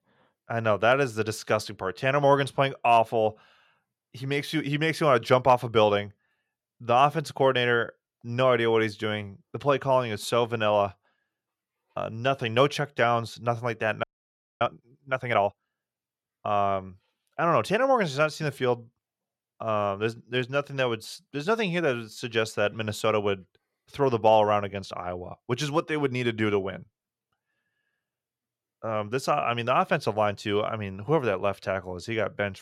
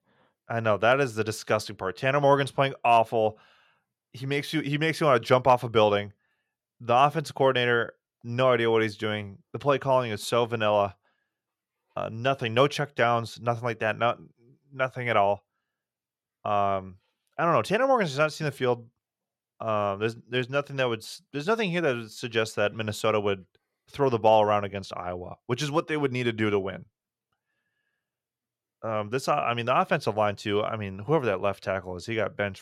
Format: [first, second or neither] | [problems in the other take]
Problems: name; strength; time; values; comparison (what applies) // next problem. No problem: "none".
second | audio freezing; at 14 s for 0.5 s